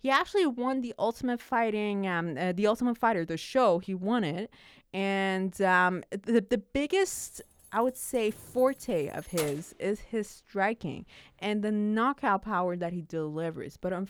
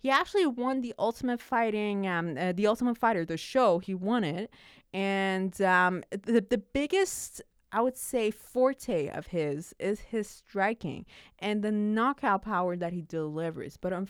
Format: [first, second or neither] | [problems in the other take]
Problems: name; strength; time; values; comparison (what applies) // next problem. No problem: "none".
second | jangling keys; noticeable; from 7 to 9.5 s; peak 8 dB below the speech